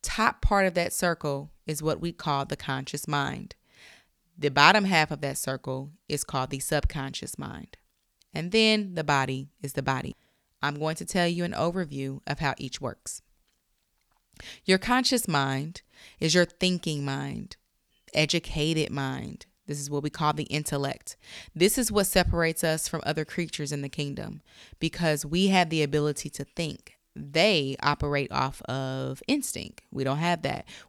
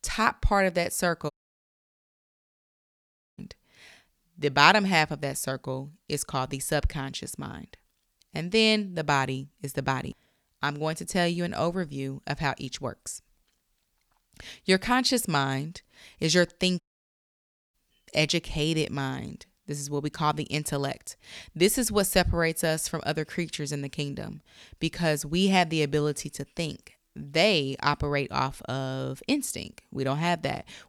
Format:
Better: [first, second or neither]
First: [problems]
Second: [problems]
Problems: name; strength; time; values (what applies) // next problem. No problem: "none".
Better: first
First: none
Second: audio cutting out; at 1.5 s for 2 s and at 17 s for 1 s